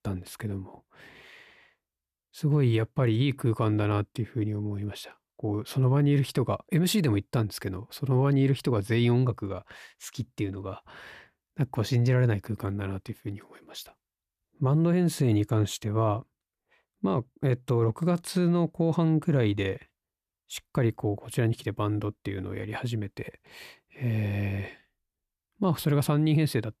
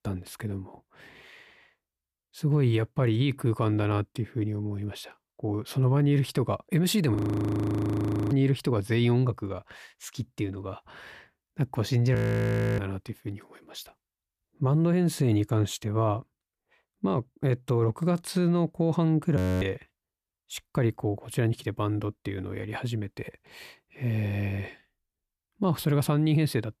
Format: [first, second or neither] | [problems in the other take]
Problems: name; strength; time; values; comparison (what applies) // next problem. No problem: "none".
first | audio freezing; at 7 s for 1 s, at 12 s for 0.5 s and at 19 s